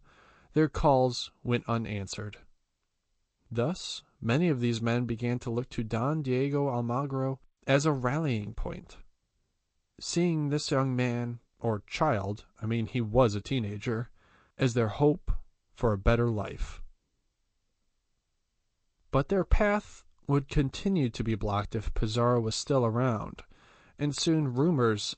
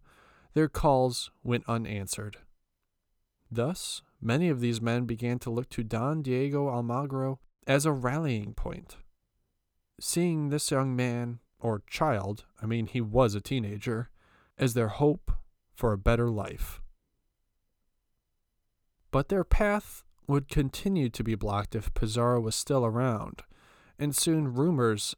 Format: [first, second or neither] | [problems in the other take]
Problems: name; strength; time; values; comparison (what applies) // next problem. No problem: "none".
second | garbled, watery; slightly; nothing above 8 kHz